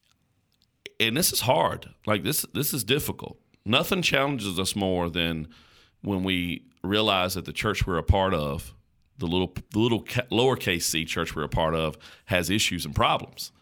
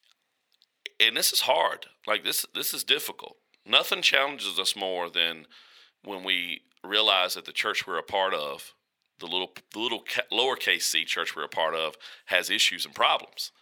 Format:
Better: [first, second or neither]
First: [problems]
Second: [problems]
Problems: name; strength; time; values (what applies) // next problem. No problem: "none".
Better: first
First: none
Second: thin; very; fading below 550 Hz